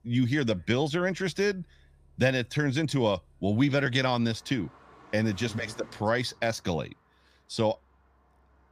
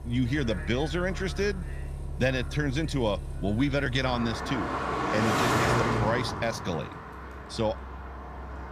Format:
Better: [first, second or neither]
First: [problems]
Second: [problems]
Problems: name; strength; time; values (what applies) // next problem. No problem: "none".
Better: first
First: traffic noise; faint; throughout; 30 dB below the speech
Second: traffic noise; loud; throughout; 3 dB below the speech